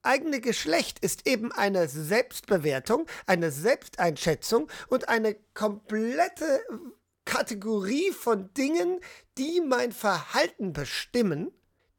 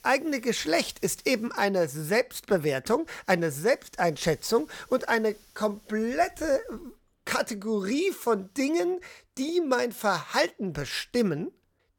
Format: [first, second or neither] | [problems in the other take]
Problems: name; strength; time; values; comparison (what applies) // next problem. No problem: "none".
first | hiss; faint; until 9 s; 30 dB below the speech